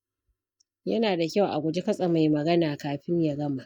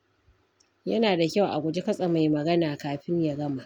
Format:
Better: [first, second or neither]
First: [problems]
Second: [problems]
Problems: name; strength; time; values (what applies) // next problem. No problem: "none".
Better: second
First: noise reduction (neural mask model DeepFilterNet 3)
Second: none